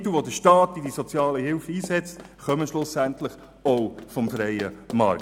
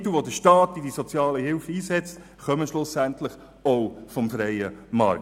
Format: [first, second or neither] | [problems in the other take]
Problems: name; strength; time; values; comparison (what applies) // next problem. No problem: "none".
second | background sound (Run); 19 dB below the speech